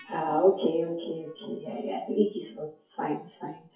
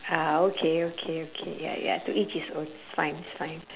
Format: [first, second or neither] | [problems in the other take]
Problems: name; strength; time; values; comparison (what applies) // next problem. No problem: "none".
second | noise reduction (classical method WPE with log-MMSE)